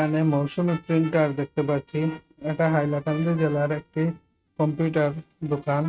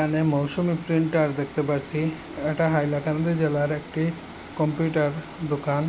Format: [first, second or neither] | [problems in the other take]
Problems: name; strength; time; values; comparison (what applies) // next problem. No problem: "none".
second | noise reduction (neural mask model RNNoise)